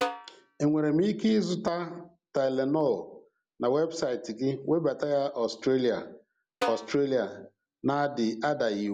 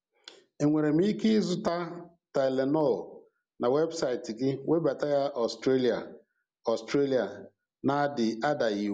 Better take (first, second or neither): second